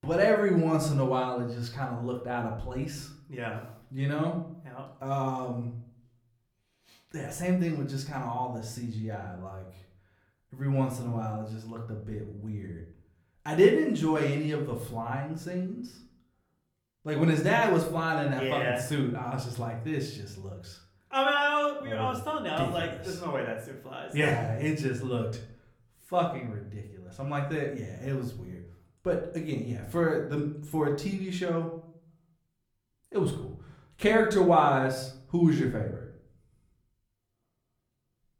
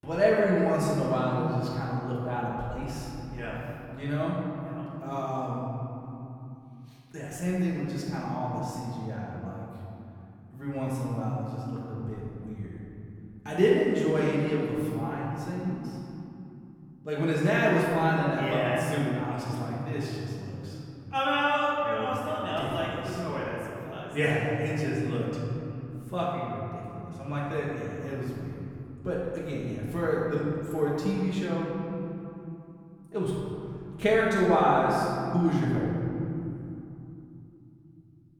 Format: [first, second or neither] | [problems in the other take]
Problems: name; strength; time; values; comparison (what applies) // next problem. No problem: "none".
first | room echo; strong; dies away in 3 s; slight in the first // off-mic speech; far; somewhat distant in the first